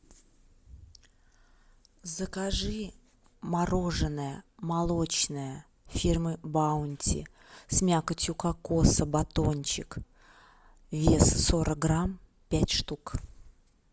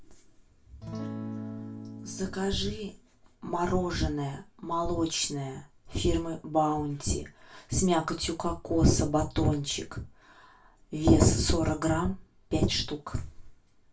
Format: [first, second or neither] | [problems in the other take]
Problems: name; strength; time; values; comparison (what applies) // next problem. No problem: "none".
first | background sound (Acoustic guitar / Strum); 10 dB below the speech // room echo; dies away in 0.2 s